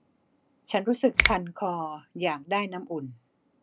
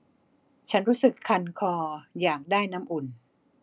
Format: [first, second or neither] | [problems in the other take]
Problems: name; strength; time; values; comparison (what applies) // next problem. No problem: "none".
second | background sound (Finger snapping); as loud as the speech